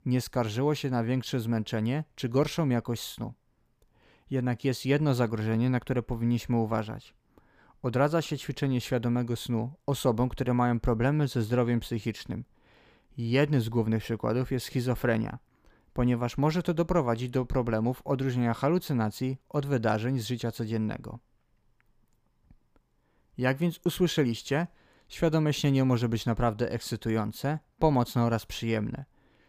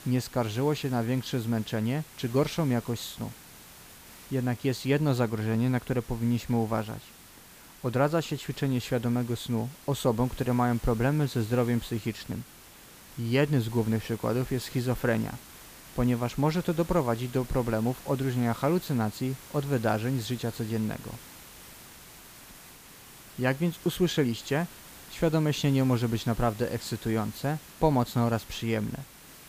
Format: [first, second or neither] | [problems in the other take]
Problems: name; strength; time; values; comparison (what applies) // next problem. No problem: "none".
first | hiss; noticeable; throughout; 20 dB below the speech